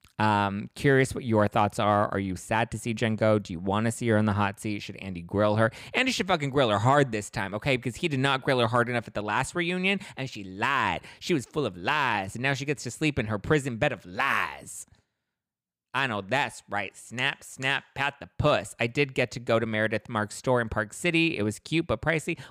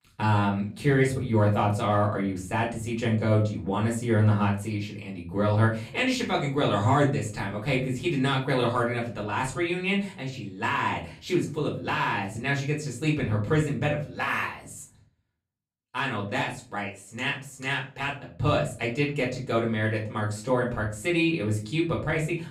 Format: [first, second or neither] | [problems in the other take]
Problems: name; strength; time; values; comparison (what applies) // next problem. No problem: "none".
first | off-mic speech; far // room echo; slight; dies away in 0.4 s